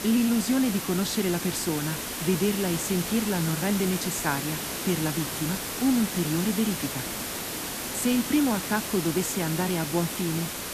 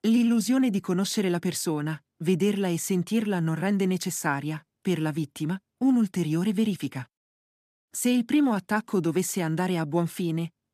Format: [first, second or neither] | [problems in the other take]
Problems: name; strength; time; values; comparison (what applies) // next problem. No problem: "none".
second | hiss; loud; throughout; 4 dB below the speech